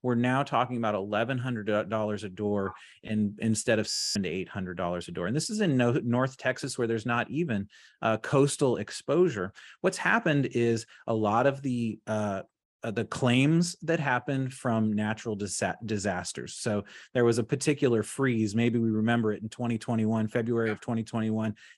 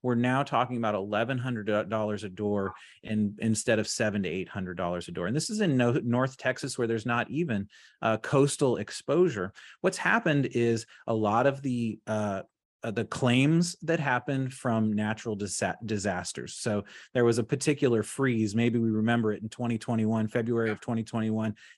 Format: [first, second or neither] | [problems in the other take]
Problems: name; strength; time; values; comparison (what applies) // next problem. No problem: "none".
second | audio freezing; at 4 s